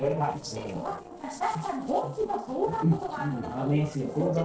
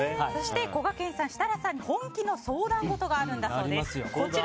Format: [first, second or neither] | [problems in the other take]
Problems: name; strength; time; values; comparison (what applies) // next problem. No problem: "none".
second | noise reduction (neural separator model SepFormer DNS4)